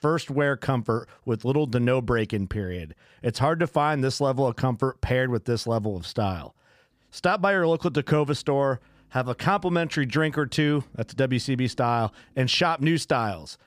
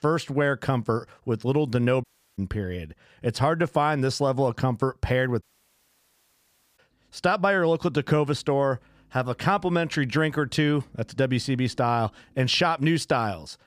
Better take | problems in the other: first | audio cutting out; at 2 s and at 5.5 s for 1.5 s

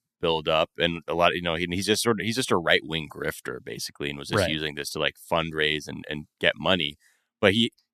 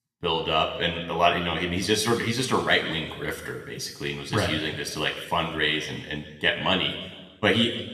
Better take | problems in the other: first | room echo; slight; dies away in 1.2 s // off-mic speech; somewhat distant

